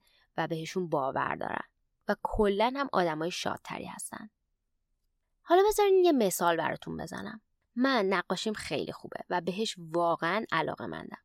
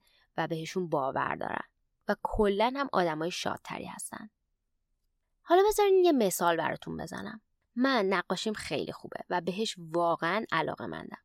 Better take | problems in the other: neither | none

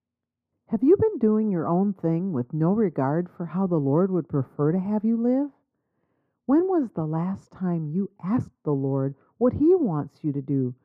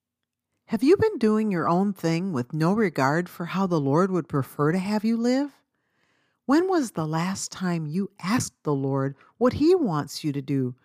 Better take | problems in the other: second | muffled; very; fading above 2 kHz

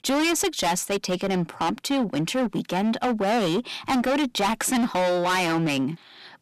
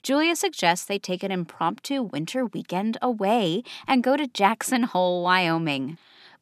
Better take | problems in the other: second | distortion; heavy; 22% of the sound clipped

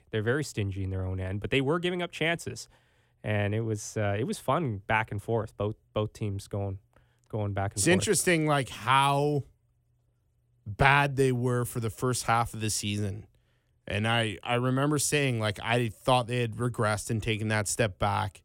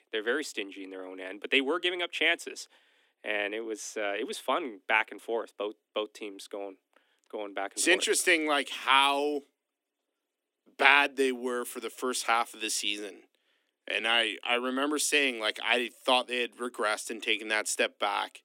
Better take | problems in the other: first | thin; somewhat; fading below 250 Hz

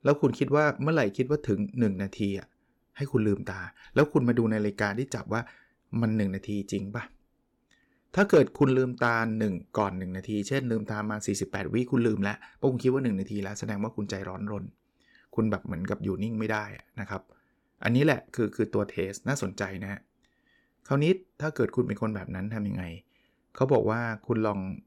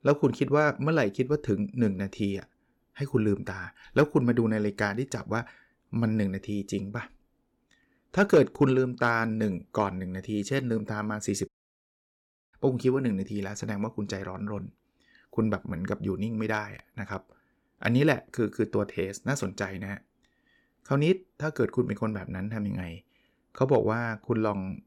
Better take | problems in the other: first | audio cutting out; at 11 s for 1 s

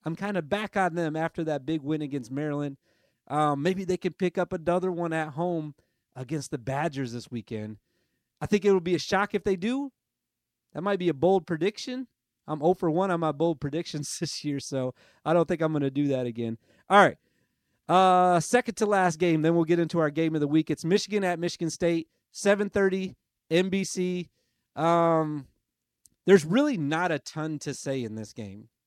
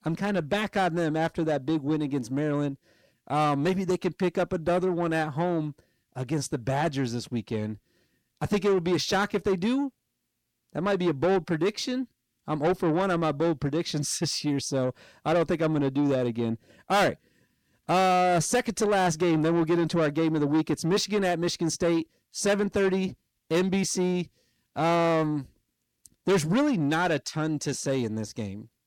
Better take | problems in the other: first | distortion; heavy; 8 dB below the speech

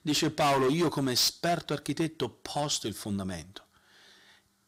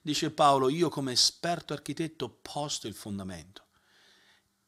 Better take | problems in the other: second | distortion; heavy; 8% of the sound clipped

